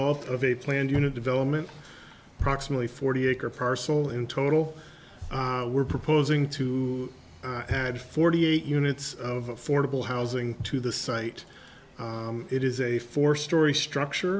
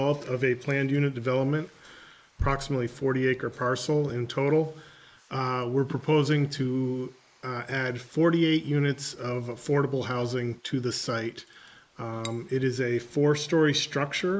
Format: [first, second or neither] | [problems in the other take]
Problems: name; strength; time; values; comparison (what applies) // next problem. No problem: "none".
first | noise reduction (neural mask model Resemble Enhance denoiser)